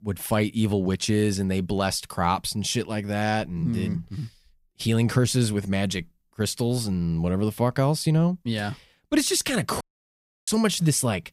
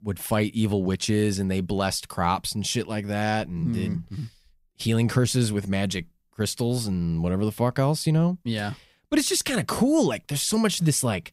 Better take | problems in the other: second | audio cutting out; at 10 s for 0.5 s

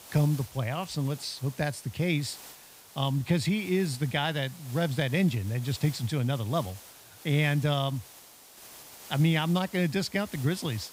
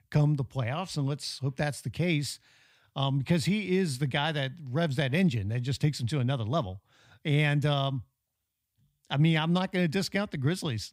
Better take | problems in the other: second | hiss; noticeable; throughout; 20 dB below the speech

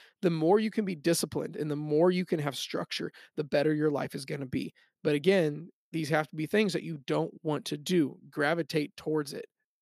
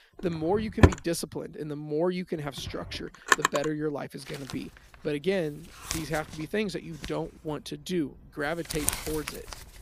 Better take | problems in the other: first | household noises; very loud; throughout; 5 dB above the speech

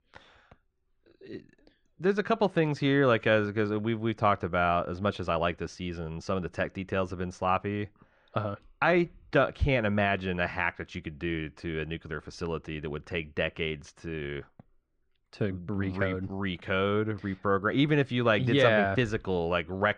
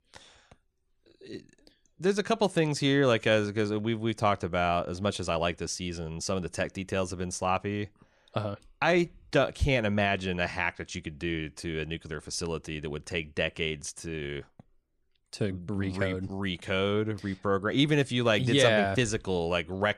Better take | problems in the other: second | muffled; slightly; fading above 3 kHz

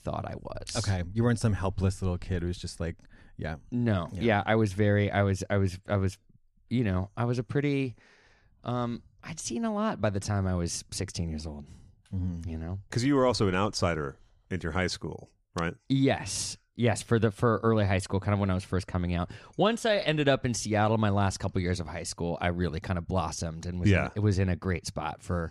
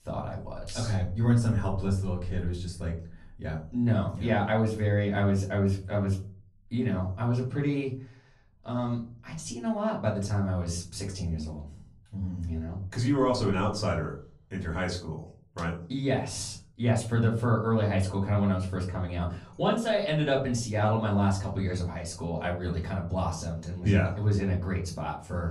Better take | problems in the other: first | off-mic speech; far // room echo; slight; dies away in 0.3 s

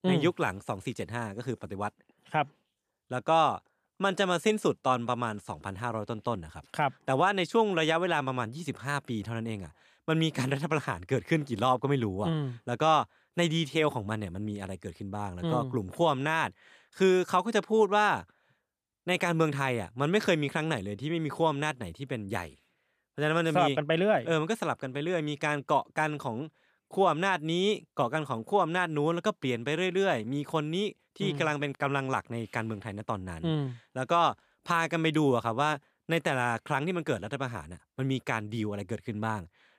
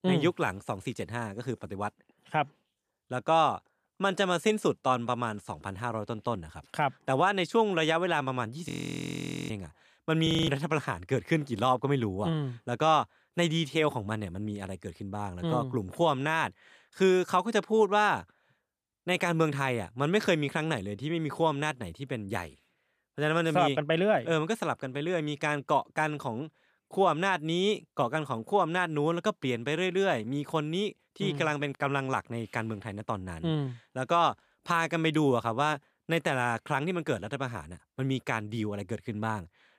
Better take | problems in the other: first | audio freezing; at 8.5 s for 1 s and at 10 s

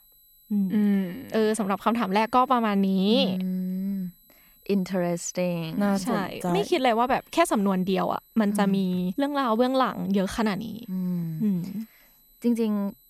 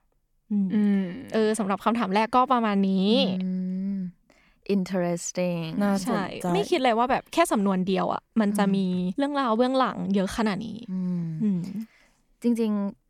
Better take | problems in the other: second | high-pitched whine; faint; throughout; 12 kHz, 30 dB below the speech

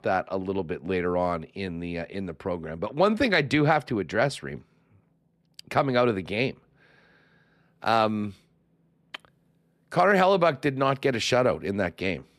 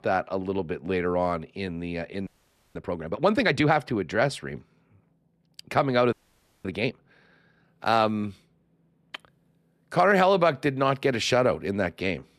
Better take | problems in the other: first | audio freezing; at 2.5 s and at 6 s for 0.5 s

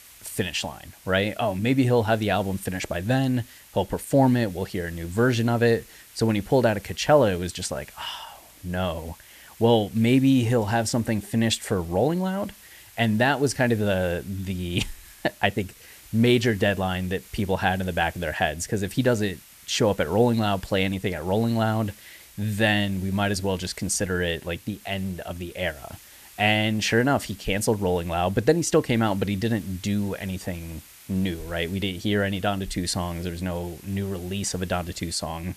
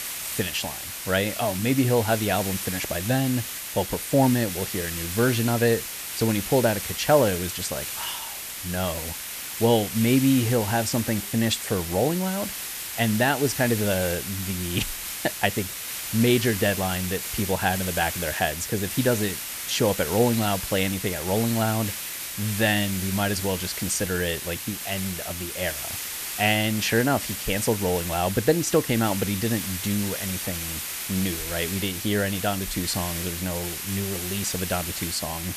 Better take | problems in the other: first | hiss; loud; throughout; 5 dB below the speech; faint in the first

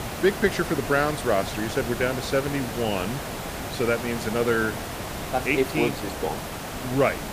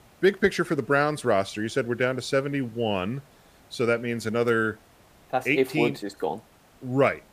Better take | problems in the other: second | hiss; loud; throughout; 6 dB below the speech; faint in the second

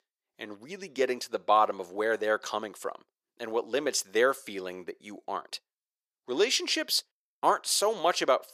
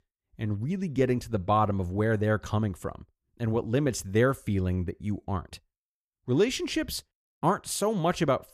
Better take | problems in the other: second | thin; very; fading below 450 Hz

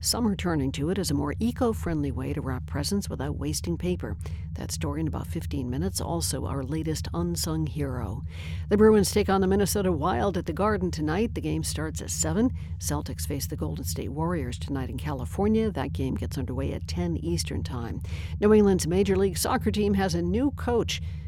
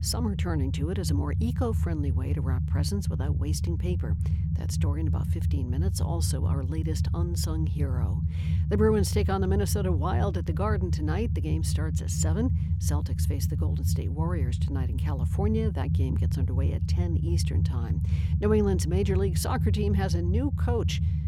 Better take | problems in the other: first | low rumble; loud; throughout; 7 dB below the speech; faint in the first

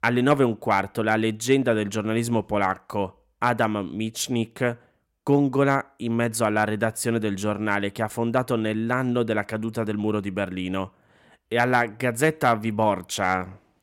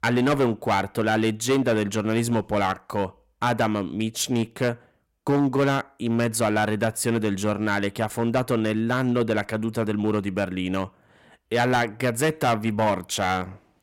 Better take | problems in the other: first | distortion; slight; 7% of the sound clipped

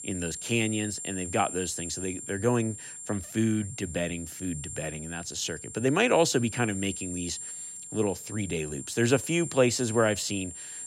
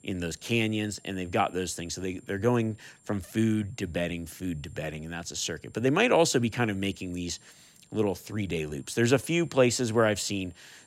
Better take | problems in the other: second | high-pitched whine; loud; throughout; 7.5 kHz, 9 dB below the speech; faint in the second

